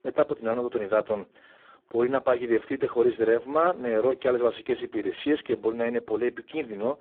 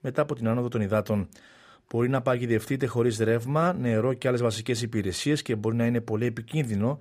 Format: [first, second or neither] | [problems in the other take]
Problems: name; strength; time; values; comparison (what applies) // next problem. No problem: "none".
second | phone-call audio; poor line